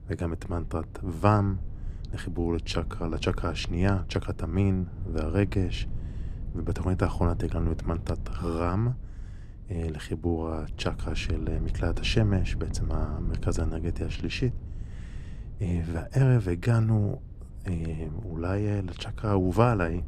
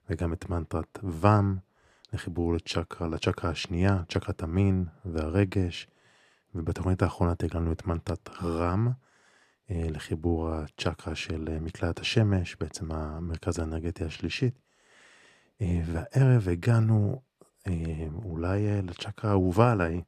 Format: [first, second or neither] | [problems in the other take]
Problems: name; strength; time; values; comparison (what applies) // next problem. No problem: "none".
second | wind noise on the microphone; occasional gusts; 20 dB below the speech